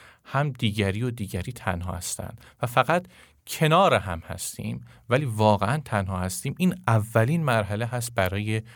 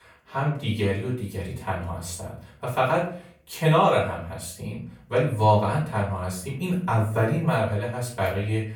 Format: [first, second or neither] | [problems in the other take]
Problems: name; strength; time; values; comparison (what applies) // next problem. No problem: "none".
first | off-mic speech; far // room echo; slight; dies away in 0.4 s